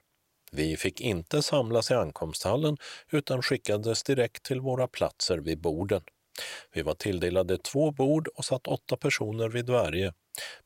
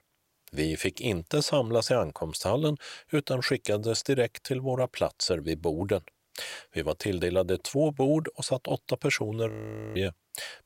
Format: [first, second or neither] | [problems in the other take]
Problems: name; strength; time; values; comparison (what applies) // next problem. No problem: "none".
first | audio freezing; at 9.5 s